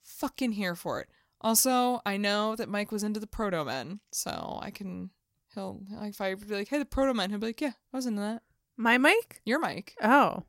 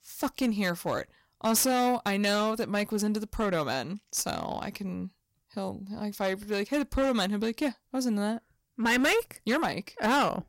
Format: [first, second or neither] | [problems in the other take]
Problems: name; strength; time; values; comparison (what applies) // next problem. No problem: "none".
first | distortion; heavy; 9% of the sound clipped